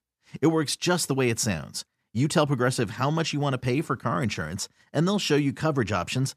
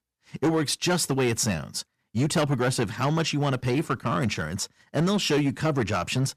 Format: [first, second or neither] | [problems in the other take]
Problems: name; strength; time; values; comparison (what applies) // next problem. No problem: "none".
first | distortion; slight; 8% of the sound clipped